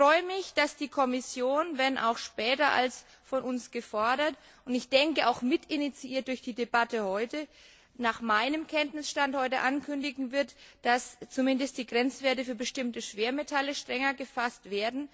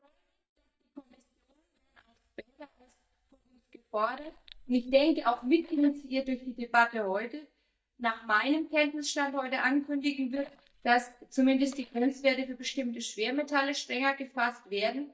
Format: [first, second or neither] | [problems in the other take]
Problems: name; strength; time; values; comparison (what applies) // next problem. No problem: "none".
first | noise reduction (neural mask model DeepFilterNet 3)